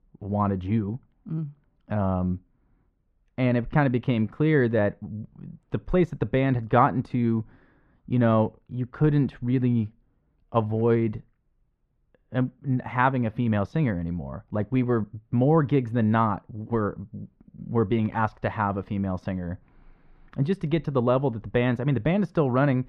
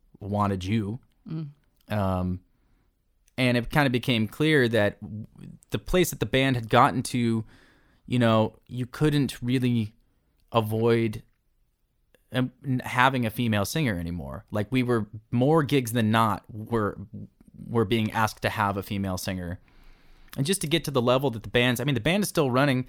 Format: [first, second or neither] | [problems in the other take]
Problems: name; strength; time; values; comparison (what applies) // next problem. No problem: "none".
second | muffled; very; fading above 1.5 kHz